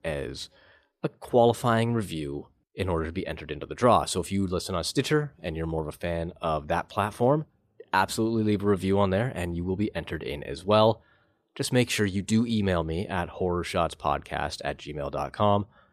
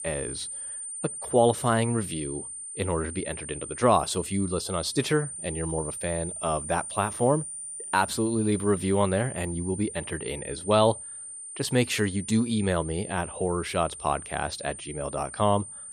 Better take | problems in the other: first | high-pitched whine; loud; throughout; 9 kHz, 8 dB below the speech

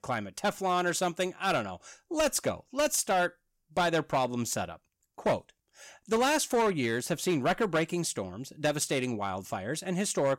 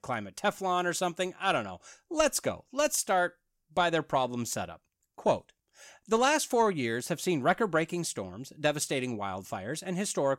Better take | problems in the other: second | distortion; slight; 6% of the sound clipped

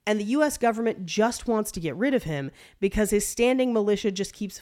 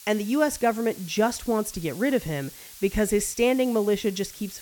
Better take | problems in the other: first | hiss; noticeable; throughout; 15 dB below the speech

